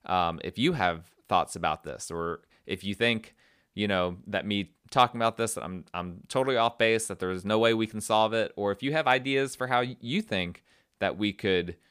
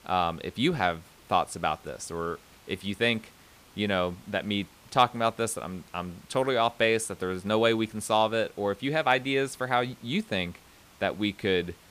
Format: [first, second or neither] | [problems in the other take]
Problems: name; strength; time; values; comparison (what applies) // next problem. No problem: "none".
first | hiss; faint; throughout; 25 dB below the speech